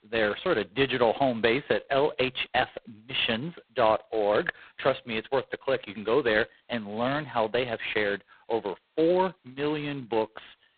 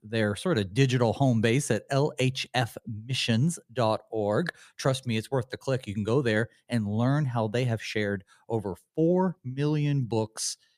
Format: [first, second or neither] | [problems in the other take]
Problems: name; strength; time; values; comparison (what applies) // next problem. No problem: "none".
second | phone-call audio; poor line; nothing above 4 kHz